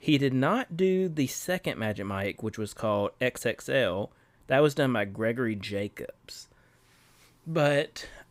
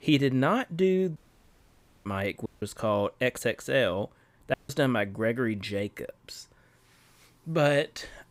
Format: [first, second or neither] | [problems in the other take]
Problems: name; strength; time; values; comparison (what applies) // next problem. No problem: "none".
first | audio cutting out; at 1 s for 1 s, at 2.5 s and at 4.5 s